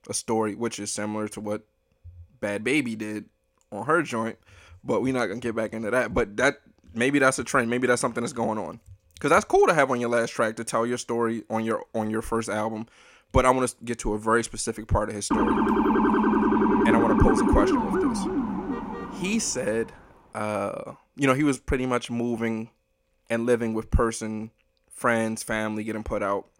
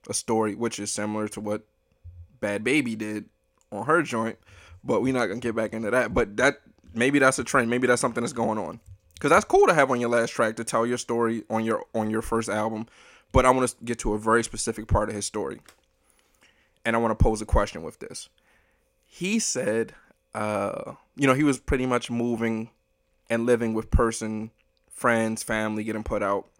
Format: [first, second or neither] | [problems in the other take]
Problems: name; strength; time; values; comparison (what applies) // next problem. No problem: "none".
second | siren; loud; from 15 to 19 s; peak 5 dB above the speech